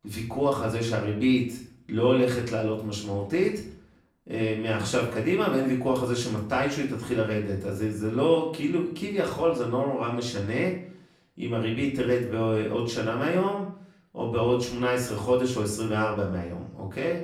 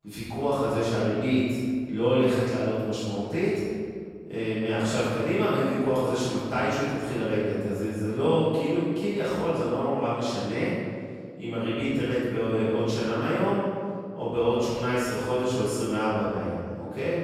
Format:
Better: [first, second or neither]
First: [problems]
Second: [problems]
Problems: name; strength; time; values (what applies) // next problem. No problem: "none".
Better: first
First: room echo; slight; dies away in 0.5 s // off-mic speech; far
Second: room echo; strong; dies away in 1.8 s // off-mic speech; far